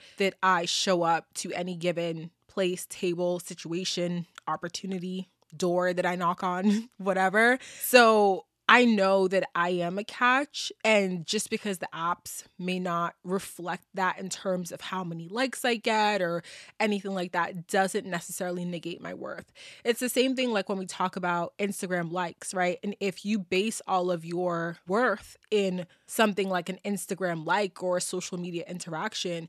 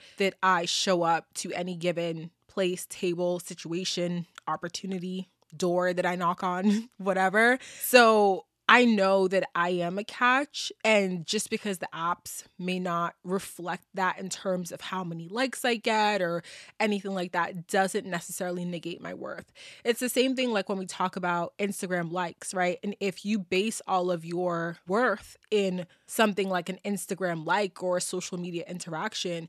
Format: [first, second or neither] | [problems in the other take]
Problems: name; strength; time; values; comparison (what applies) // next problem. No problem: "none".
neither | none